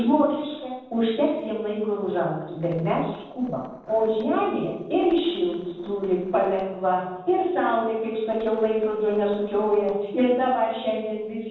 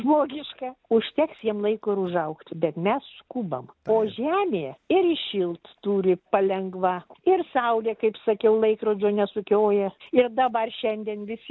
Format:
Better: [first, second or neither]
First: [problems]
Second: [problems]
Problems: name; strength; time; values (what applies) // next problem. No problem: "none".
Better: second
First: noise reduction (neural separator model SepFormer DNS4)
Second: none